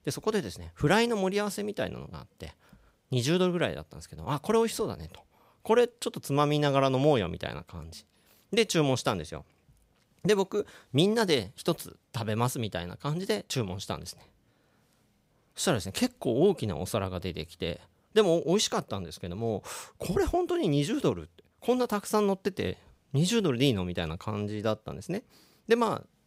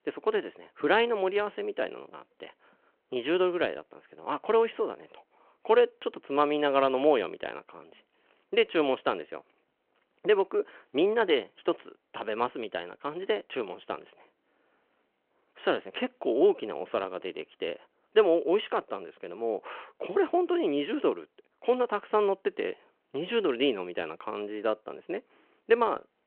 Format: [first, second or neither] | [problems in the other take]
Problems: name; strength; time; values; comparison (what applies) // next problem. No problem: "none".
first | phone-call audio